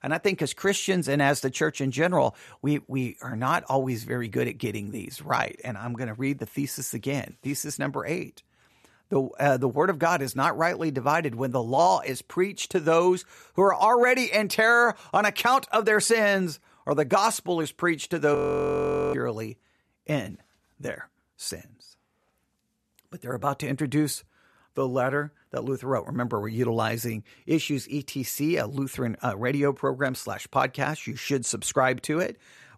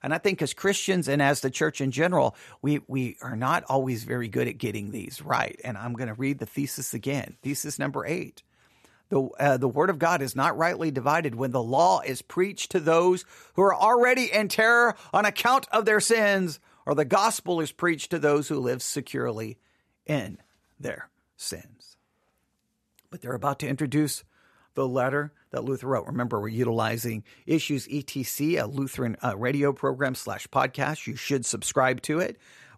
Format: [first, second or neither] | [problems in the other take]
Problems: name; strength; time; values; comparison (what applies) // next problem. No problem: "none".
second | audio freezing; at 18 s for 1 s